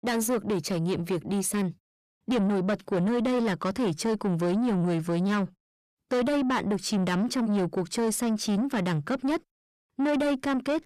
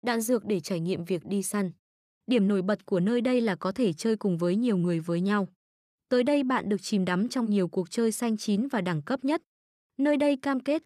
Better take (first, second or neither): second